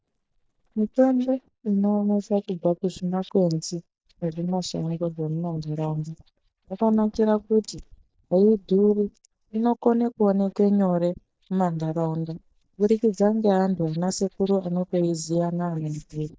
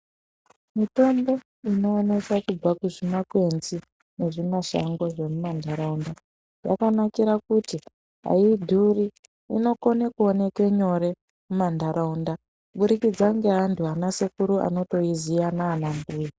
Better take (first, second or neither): second